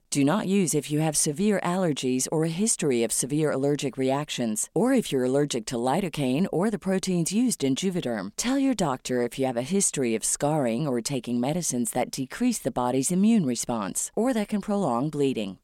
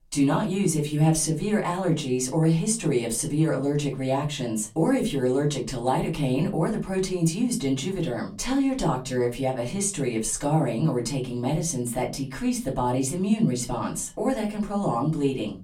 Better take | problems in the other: first | off-mic speech; far // room echo; very slight; dies away in 0.4 s

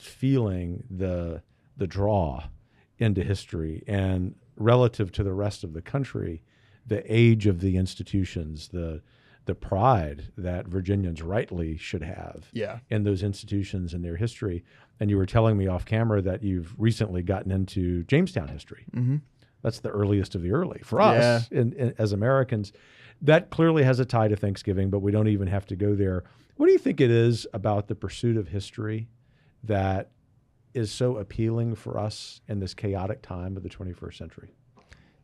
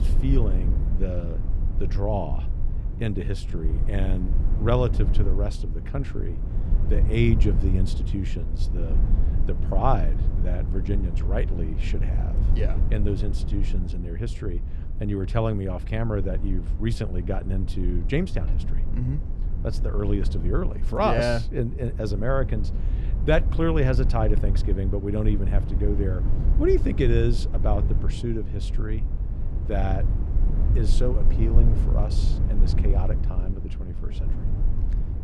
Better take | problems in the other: first | low rumble; noticeable; throughout; 10 dB below the speech

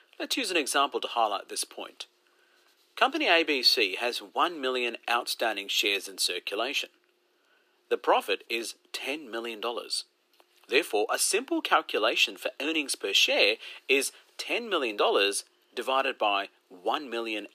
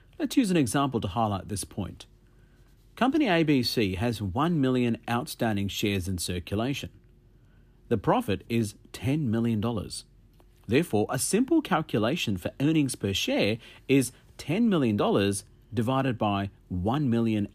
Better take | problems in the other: second | thin; very; fading below 400 Hz

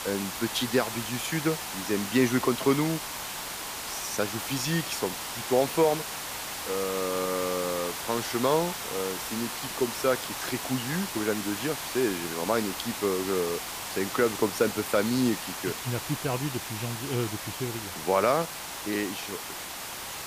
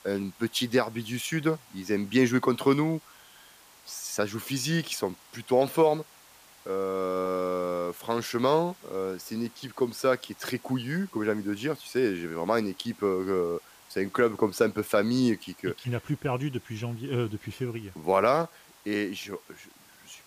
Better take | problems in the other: second | hiss; loud; throughout; 4 dB below the speech; faint in the second

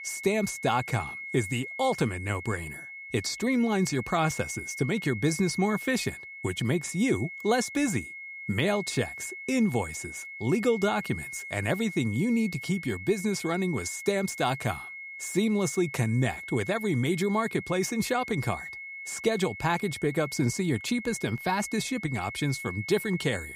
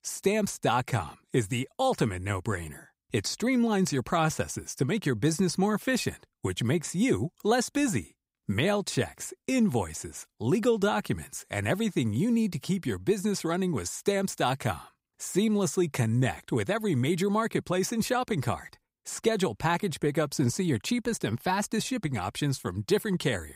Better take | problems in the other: second | high-pitched whine; loud; throughout; 2 kHz, 10 dB below the speech

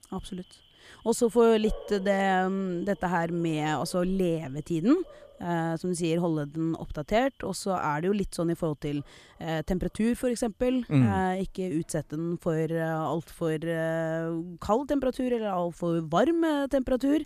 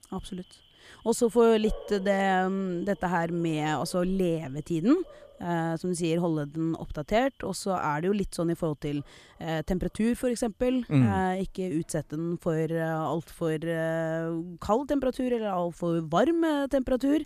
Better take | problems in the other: neither | animal sounds; faint; throughout; 25 dB below the speech; the same in both

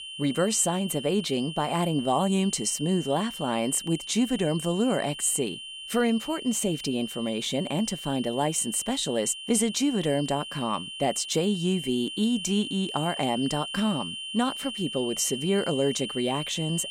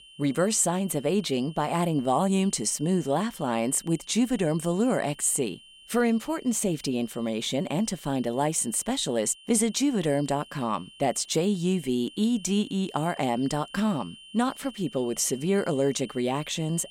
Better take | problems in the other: second | high-pitched whine; loud; throughout; 3 kHz, 8 dB below the speech; faint in the second

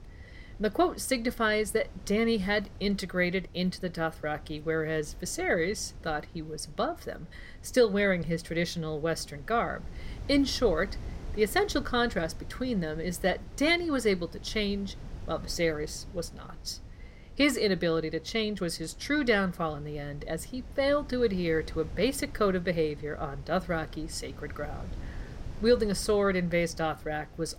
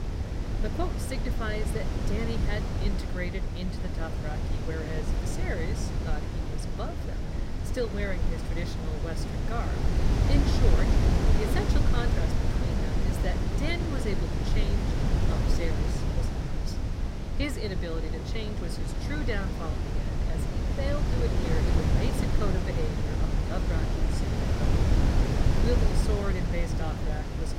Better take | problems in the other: first | wind noise on the microphone; heavy; 1 dB above the speech; occasional gusts in the first

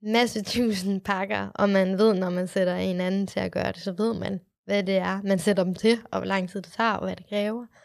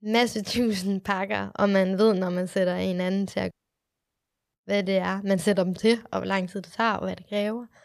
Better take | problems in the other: first | audio cutting out; at 3.5 s for 1 s

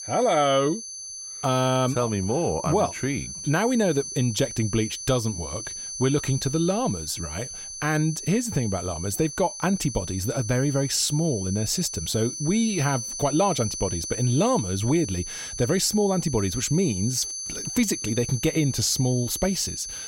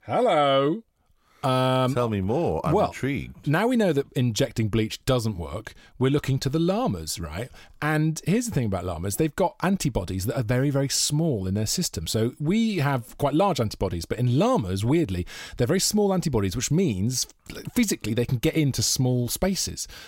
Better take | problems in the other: second | high-pitched whine; loud; throughout; 6 kHz, 7 dB below the speech

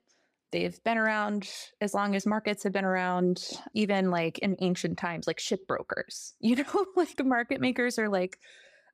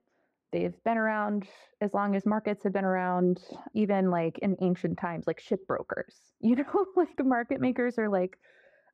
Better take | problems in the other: first | muffled; very; fading above 3 kHz

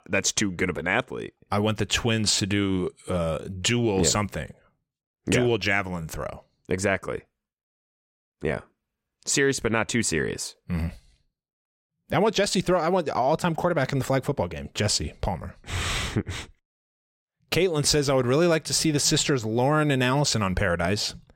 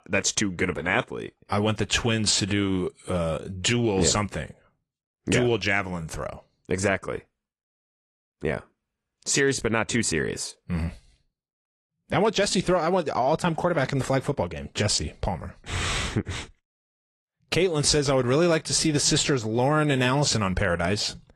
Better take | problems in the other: first | garbled, watery; slightly

